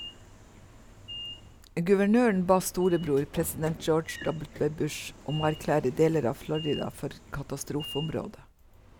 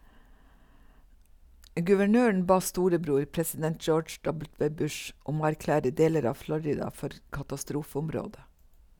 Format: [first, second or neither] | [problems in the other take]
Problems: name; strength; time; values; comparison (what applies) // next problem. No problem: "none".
second | background sound (Sliding door / Train); 16 dB below the speech